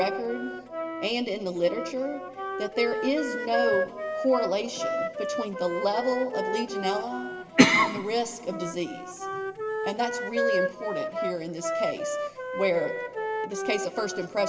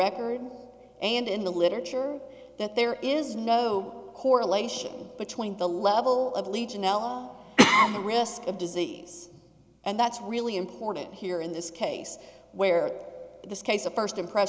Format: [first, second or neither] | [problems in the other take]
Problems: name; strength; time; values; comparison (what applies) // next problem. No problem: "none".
second | background sound (Wind instrument, woodwind instrument); 3 dB below the speech // room echo; dies away in 2.8 s